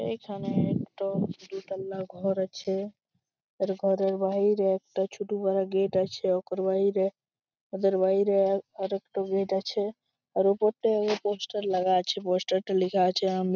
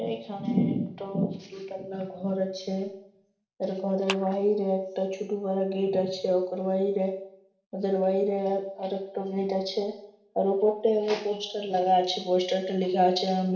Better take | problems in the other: first | background sound (Clapping); 12 dB below the speech // room echo; dies away in 0.6 s

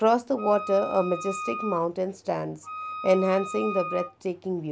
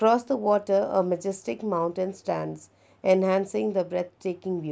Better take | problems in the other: second | background sound (Wind instrument, woodwind instrument); 10 dB below the speech

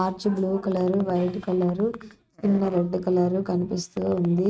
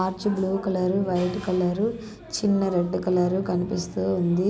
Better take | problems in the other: second | noise reduction (neural mask model RNNoise)

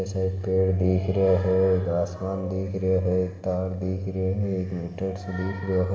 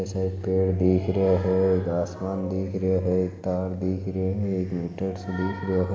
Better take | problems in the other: second | room echo; dies away in 0.9 s

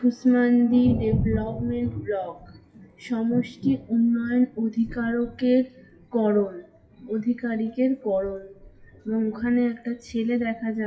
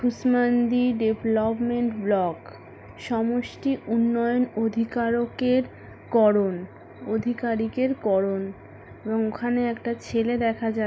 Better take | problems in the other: second | noise reduction (classical method WPE with log-MMSE)

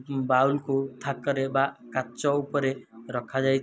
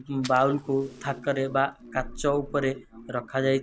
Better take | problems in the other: first | background sound (Fire); 19 dB below the speech

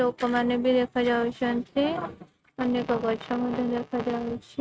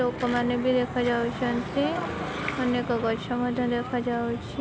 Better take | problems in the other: second | noise reduction (neural mask model RNNoise)

